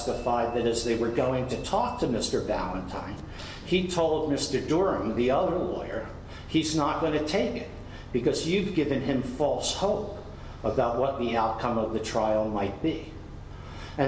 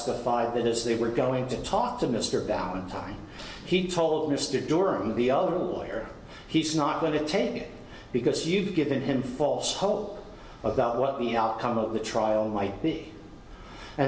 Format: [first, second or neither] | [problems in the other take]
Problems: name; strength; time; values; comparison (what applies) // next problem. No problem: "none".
second | background sound (Bus); 15 dB below the speech